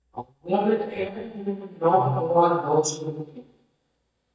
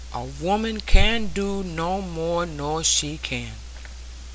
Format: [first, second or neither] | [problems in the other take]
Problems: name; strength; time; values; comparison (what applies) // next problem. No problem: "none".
second | noise reduction (neural mask model DeepFilterNet 3)